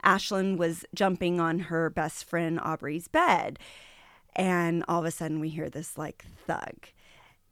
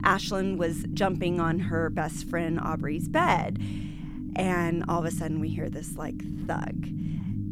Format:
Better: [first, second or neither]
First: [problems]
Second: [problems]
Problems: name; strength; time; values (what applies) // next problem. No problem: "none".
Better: first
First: none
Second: low rumble; noticeable; throughout; 10 dB below the speech